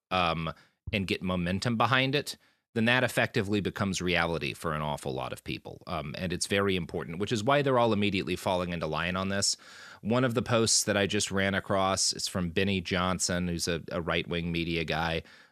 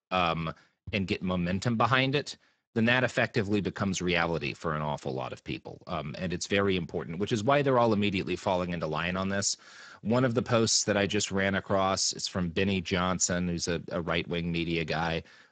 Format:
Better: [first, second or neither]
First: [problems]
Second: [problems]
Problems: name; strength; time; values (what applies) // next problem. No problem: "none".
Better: first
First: none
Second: garbled, watery; badly; nothing above 7.5 kHz